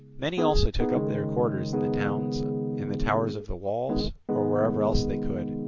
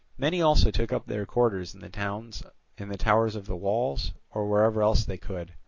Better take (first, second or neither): second